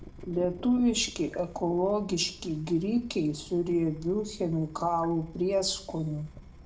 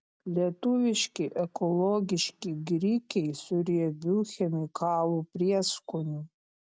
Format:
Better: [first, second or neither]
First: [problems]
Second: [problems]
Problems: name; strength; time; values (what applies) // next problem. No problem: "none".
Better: second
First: background sound (Drip / Water tap, faucet); 18 dB below the speech // room echo; dies away in 0.4 s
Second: none